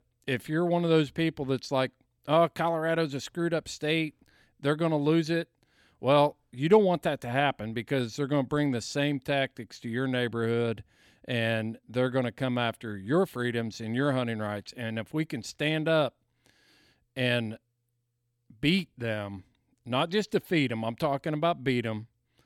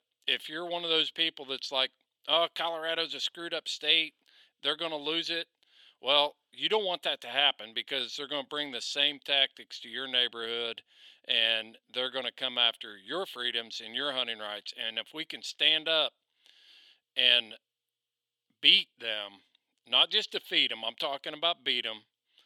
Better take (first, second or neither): first